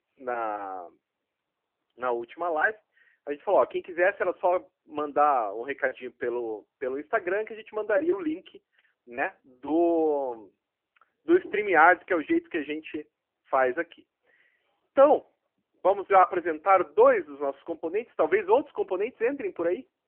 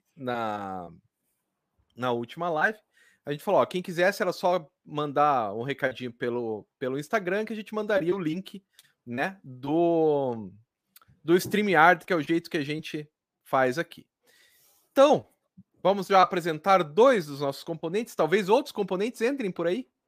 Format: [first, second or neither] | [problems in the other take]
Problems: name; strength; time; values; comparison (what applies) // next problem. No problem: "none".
second | phone-call audio